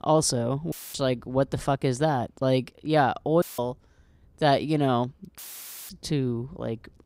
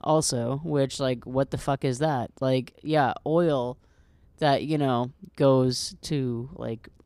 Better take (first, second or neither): second